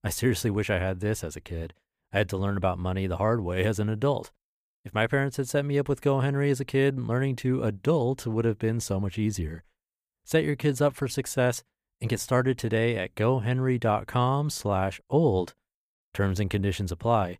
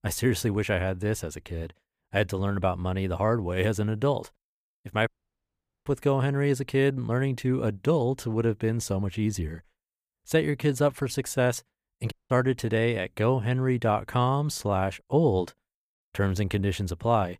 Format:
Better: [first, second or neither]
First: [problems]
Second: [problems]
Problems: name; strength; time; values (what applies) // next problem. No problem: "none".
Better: first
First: none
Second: audio cutting out; at 5 s for 1 s and at 12 s